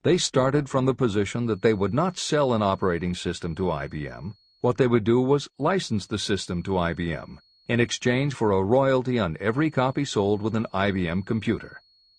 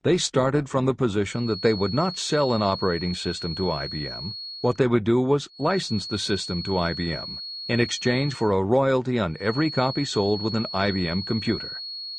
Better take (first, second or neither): first